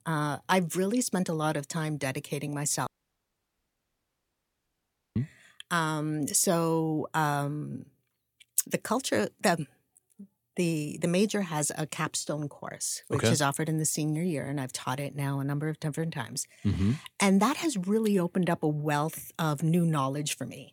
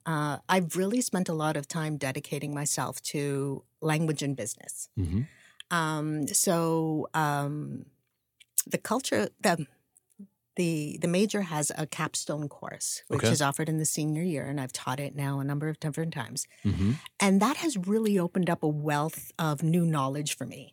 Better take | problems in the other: second | audio cutting out; at 3 s for 2.5 s

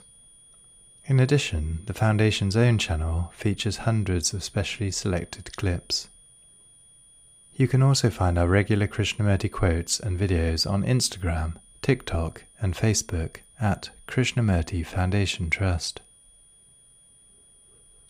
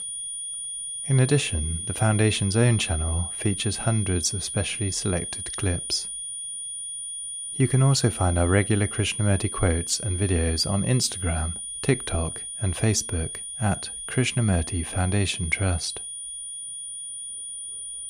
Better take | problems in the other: first | high-pitched whine; loud; throughout; 9.5 kHz, 6 dB below the speech; faint in the first

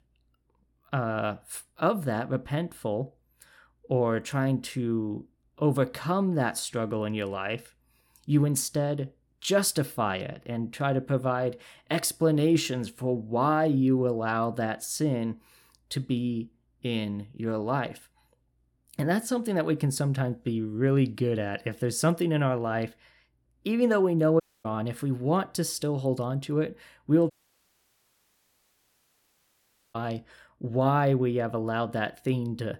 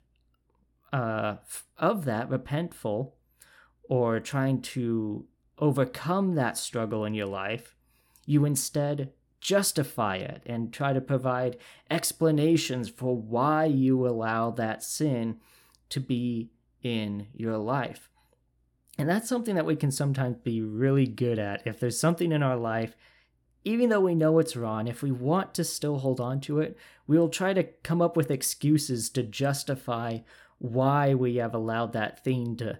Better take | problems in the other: second | audio cutting out; at 24 s and at 27 s for 2.5 s

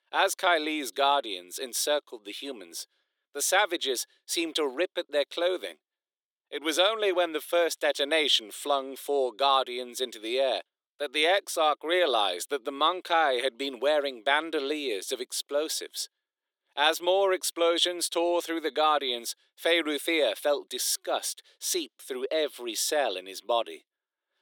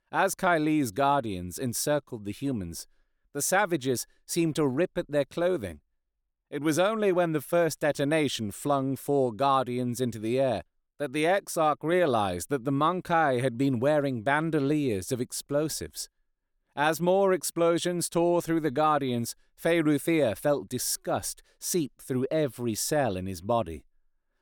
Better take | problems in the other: second | thin; somewhat; fading below 350 Hz

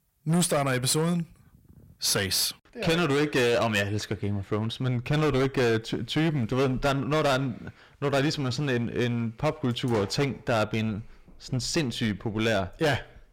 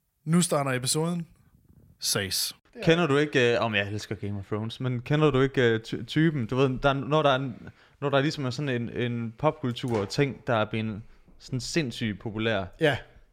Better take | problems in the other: second | distortion; heavy; 13% of the sound clipped

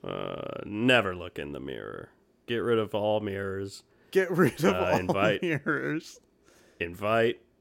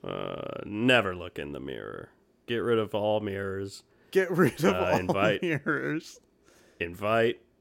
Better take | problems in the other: neither | none

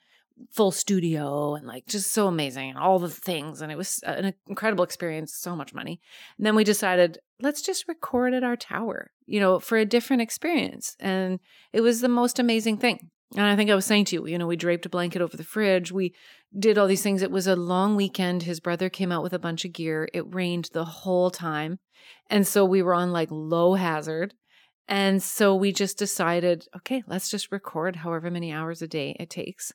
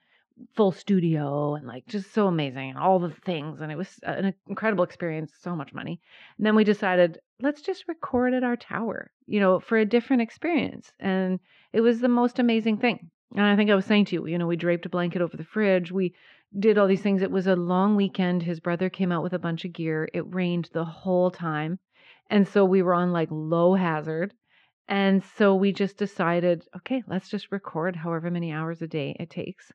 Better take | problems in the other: first | muffled; very; fading above 3 kHz

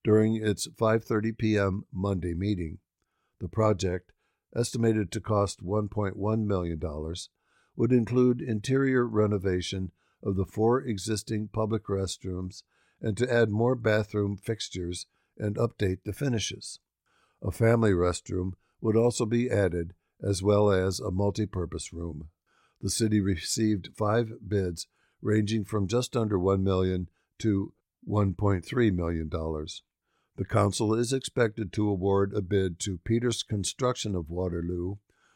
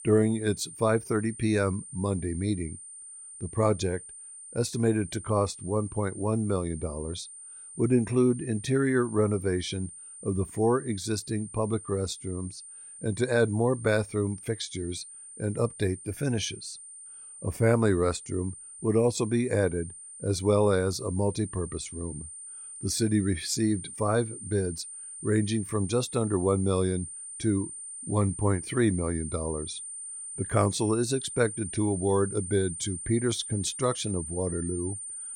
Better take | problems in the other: first | high-pitched whine; noticeable; throughout; 9 kHz, 10 dB below the speech

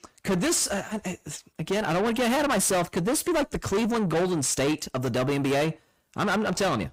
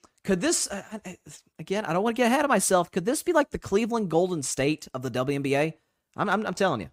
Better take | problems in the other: second | distortion; heavy; 6 dB below the speech

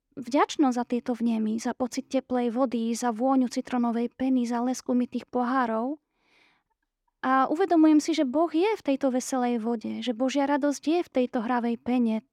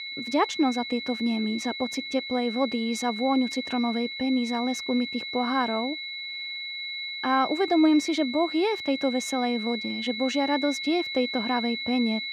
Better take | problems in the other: first | high-pitched whine; loud; throughout; 2 kHz, 6 dB below the speech

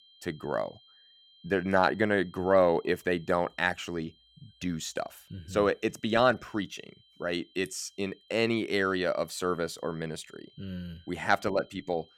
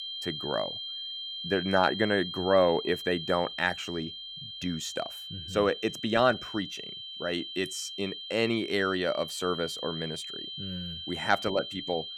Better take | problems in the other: first | high-pitched whine; loud; throughout; 3 kHz, 7 dB below the speech; faint in the first

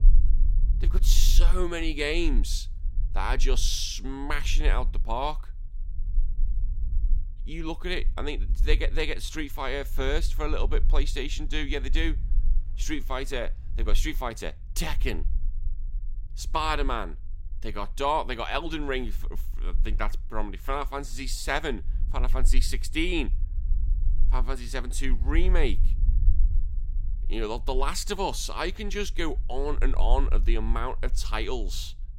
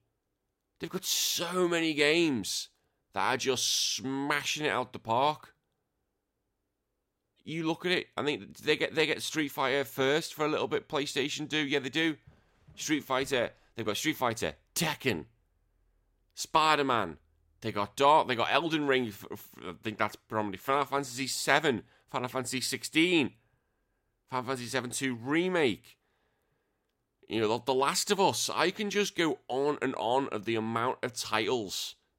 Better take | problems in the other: second | low rumble; faint; throughout; 25 dB below the speech

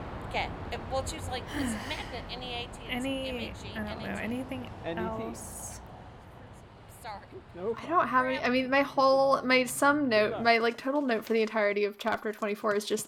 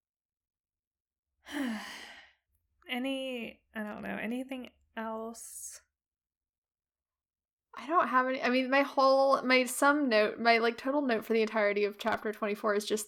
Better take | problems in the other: second | animal sounds; noticeable; throughout; 10 dB below the speech

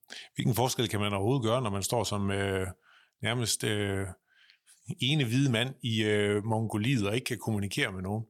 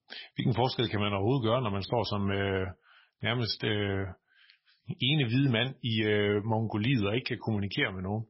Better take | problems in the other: first | garbled, watery; badly; nothing above 5.5 kHz

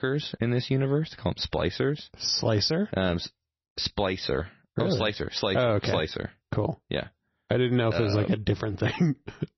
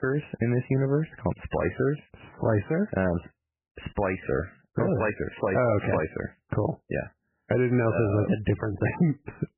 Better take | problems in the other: first | garbled, watery; badly; nothing above 3 kHz; slightly in the first

